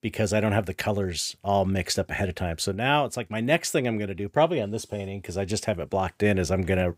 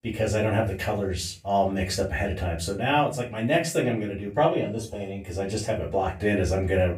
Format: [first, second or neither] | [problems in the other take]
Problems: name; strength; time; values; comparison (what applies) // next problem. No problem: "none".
first | room echo; slight; dies away in 0.3 s // off-mic speech; far